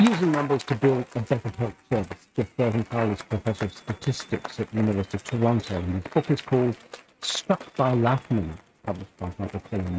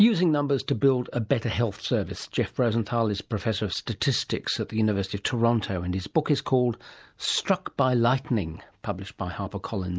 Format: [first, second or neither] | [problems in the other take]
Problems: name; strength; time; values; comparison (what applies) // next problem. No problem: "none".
second | noise reduction (neural mask model RNNoise)